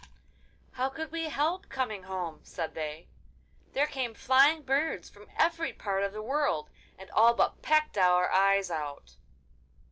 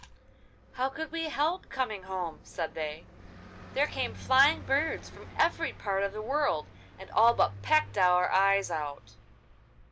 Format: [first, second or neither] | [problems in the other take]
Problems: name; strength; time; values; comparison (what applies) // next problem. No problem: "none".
first | background sound (Car passing by); 18 dB below the speech